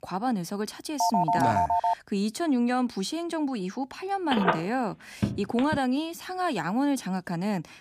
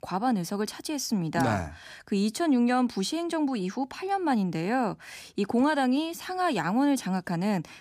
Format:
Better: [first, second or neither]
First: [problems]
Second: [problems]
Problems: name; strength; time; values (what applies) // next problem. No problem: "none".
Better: second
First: phone ringing; loud; at 1 s and from 4.5 to 6 s; peak 4 dB above the speech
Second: none